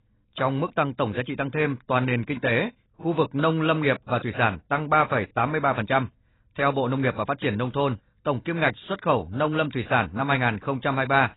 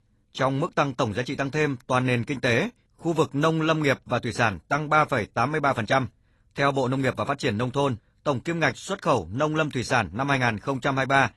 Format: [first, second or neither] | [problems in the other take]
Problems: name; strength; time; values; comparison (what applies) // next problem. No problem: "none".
second | garbled, watery; badly; nothing above 4 kHz; slightly in the second